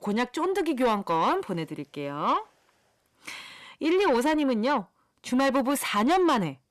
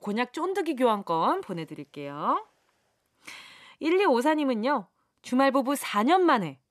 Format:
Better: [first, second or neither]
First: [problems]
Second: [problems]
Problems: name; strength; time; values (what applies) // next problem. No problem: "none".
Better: second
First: distortion; slight; 10 dB below the speech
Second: none